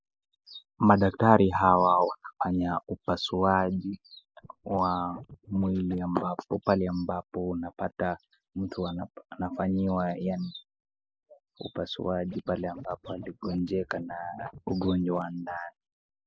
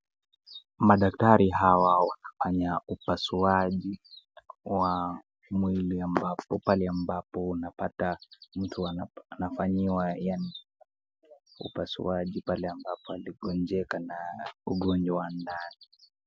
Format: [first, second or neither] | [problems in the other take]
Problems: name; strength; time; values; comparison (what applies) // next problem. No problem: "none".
second | noise reduction (neural mask model Resemble Enhance denoiser)